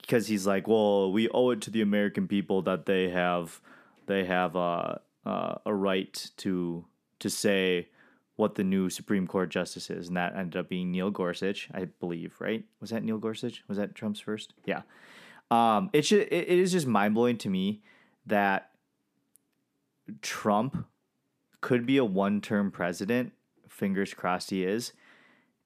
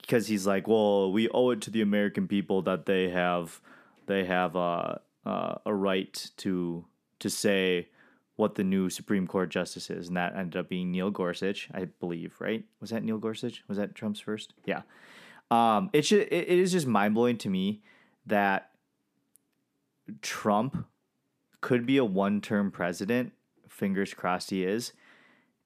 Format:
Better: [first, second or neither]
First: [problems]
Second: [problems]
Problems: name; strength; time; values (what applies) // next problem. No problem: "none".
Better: neither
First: none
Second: none